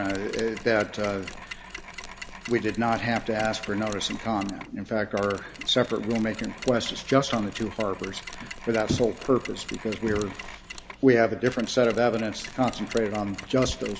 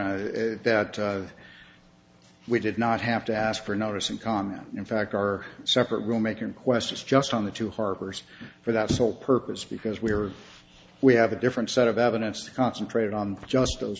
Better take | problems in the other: second | background sound (Mechanisms); 14 dB below the speech

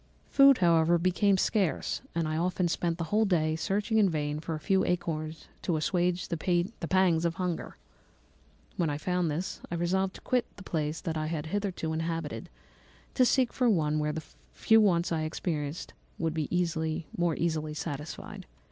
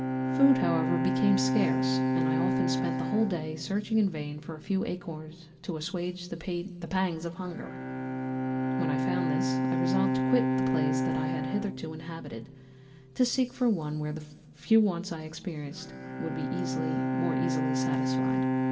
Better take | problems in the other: first | background sound (Bowed string instrument); 1 dB above the speech // room echo; dies away in 2.1 s

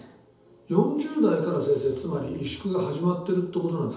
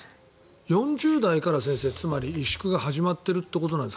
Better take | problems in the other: second | room echo; dies away in 2.2 s

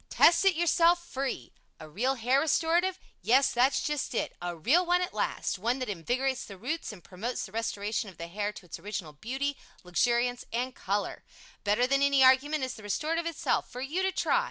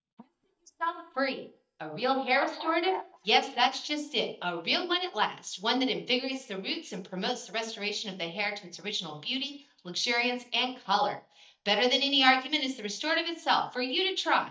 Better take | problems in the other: first | noise reduction (neural mask model DeepFilterNet 3)

